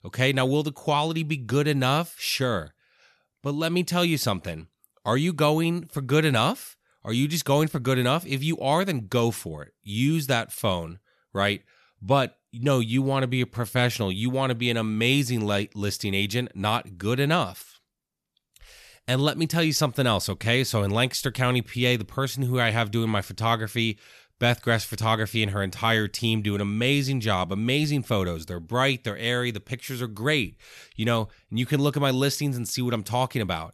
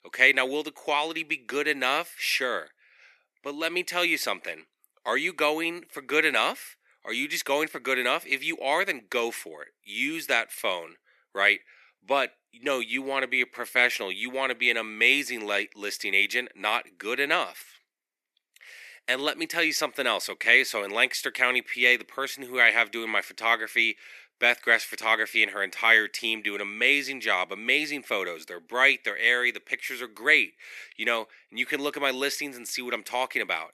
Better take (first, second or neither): first